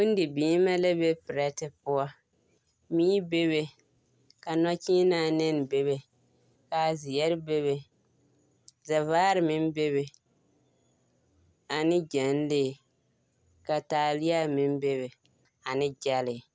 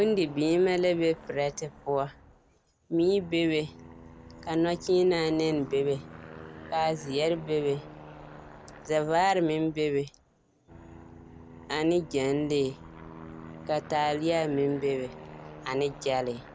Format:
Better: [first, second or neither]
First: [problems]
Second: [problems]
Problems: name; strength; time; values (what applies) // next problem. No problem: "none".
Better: first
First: none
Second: background sound (Aircraft); 17 dB below the speech